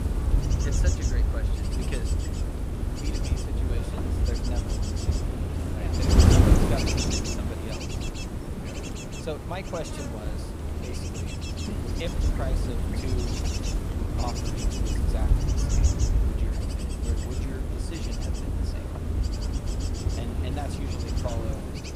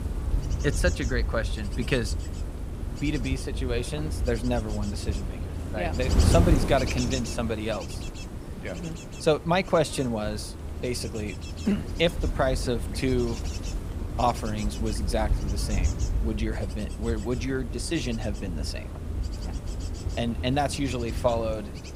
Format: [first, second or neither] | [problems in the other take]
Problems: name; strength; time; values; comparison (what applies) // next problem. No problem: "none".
second | wind noise on the microphone; heavy; 5 dB above the speech; occasional gusts in the second